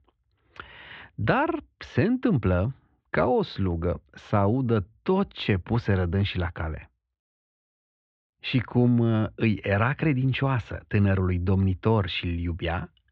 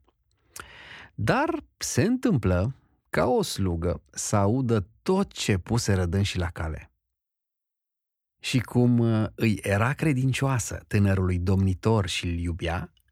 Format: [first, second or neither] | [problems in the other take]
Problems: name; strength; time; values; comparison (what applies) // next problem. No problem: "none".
second | muffled; very; fading above 3.5 kHz